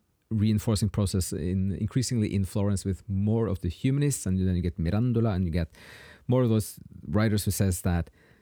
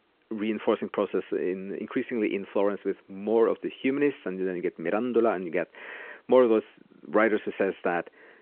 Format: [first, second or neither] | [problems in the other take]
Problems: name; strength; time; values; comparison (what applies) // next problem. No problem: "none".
first | phone-call audio